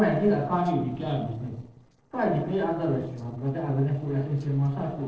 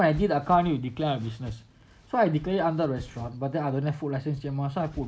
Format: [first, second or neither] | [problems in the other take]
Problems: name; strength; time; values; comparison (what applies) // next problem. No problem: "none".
second | noise reduction (neural separator model SepFormer DNS4)